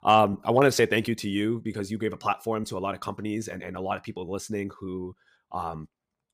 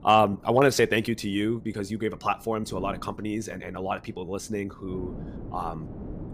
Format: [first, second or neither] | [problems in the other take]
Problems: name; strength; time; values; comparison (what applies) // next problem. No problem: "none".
first | wind noise on the microphone; occasional gusts; 20 dB below the speech